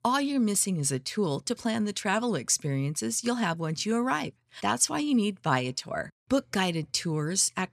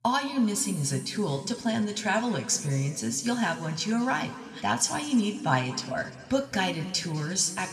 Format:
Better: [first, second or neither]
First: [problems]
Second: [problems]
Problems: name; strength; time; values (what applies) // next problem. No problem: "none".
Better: first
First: none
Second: room echo; slight; dies away in 1.9 s